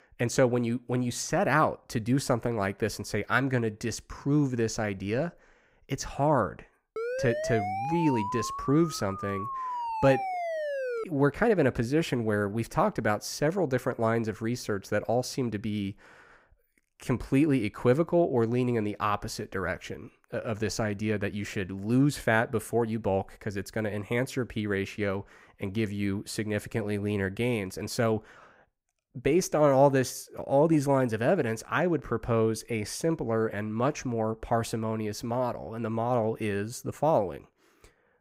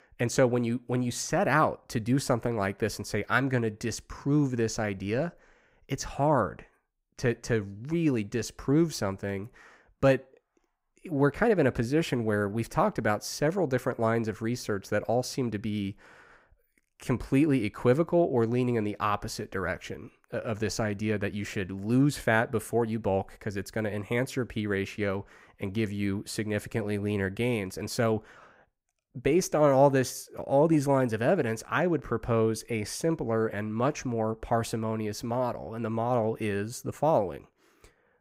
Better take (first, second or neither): second